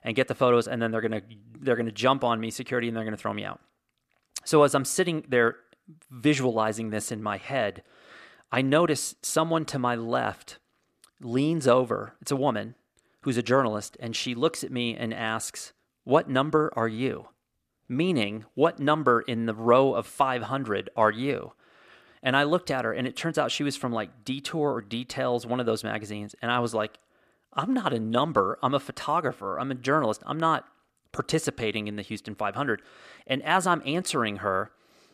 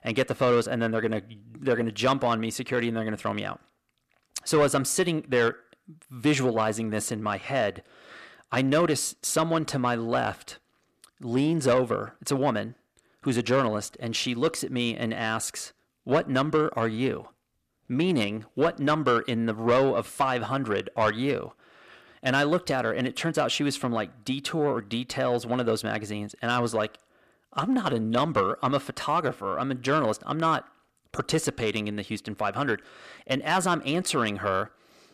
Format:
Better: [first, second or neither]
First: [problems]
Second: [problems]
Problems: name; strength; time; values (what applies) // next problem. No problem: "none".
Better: first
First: none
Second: distortion; slight; 10 dB below the speech